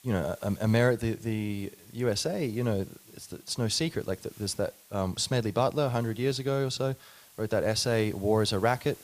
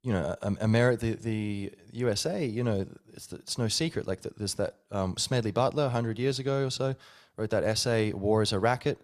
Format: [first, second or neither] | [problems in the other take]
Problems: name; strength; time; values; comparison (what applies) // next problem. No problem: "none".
second | hiss; faint; throughout; 25 dB below the speech